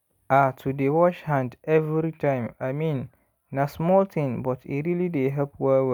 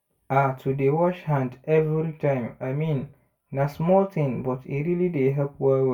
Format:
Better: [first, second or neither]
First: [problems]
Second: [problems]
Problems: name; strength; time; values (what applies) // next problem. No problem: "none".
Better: first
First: none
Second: room echo; dies away in 0.2 s